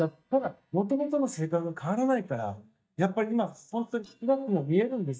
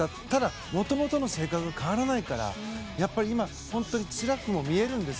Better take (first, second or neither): second